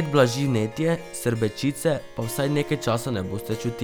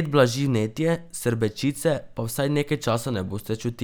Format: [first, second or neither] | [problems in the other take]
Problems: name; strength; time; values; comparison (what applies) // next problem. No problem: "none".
second | background sound (Harp); 15 dB below the speech